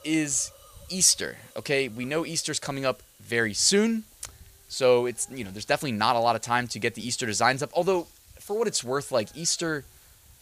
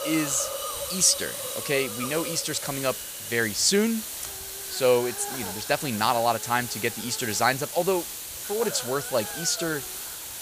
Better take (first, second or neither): first